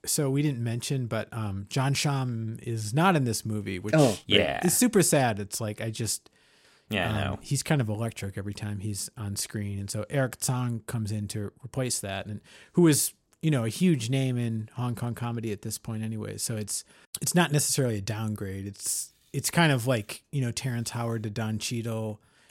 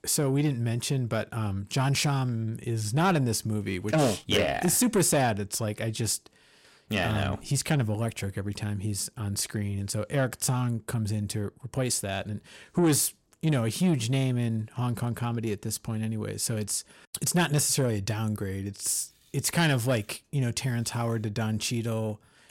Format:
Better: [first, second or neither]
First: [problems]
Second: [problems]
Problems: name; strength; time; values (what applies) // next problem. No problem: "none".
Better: first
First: none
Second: distortion; slight; 10 dB below the speech